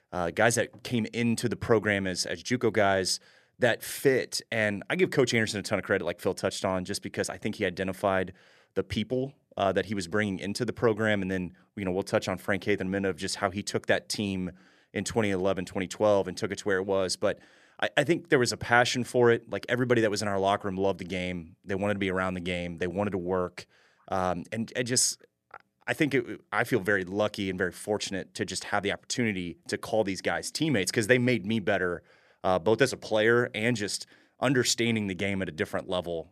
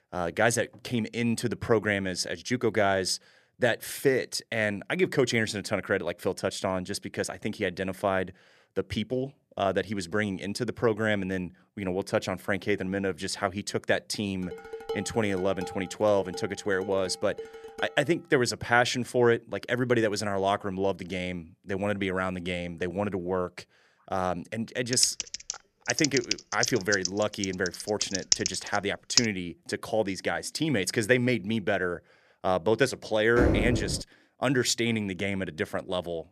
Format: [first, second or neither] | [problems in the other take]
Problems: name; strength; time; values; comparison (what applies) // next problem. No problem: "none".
first | clattering dishes; noticeable; from 14 to 18 s; peak 8 dB below the speech // keyboard typing; loud; from 25 to 29 s; peak 3 dB above the speech // door banging; loud; at 33 s; peak 3 dB above the speech